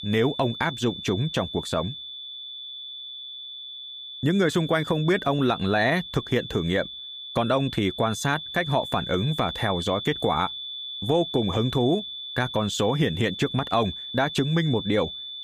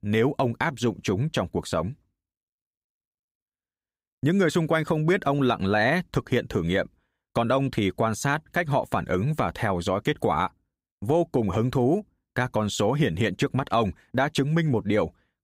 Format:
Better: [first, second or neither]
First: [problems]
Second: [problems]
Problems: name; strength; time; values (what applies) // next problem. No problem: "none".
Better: second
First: high-pitched whine; loud; throughout; 3.5 kHz, 9 dB below the speech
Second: none